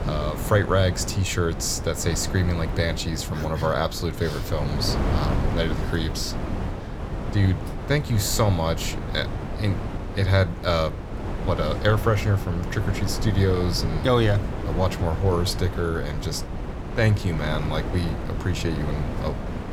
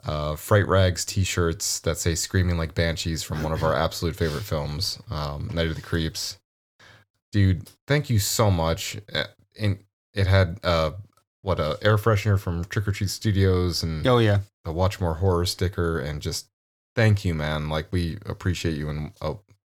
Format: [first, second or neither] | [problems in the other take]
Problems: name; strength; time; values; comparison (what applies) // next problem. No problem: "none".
second | wind noise on the microphone; heavy; 8 dB below the speech